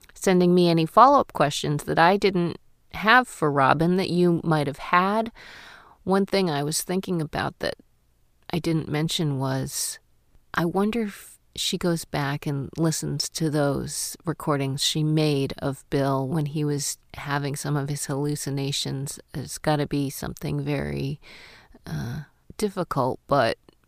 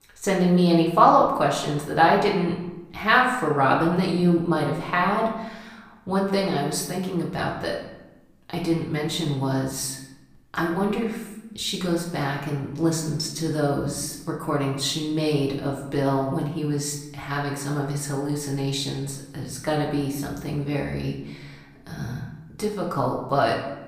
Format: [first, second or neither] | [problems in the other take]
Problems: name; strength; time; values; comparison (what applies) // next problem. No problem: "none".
first | room echo; noticeable; dies away in 0.8 s // off-mic speech; far